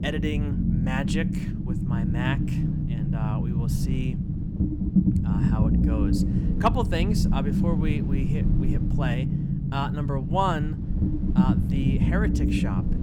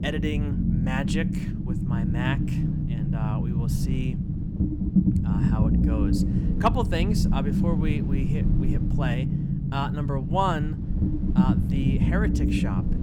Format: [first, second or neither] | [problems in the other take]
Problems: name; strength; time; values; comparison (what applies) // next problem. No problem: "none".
neither | low rumble; loud; throughout; 2 dB below the speech; the same in both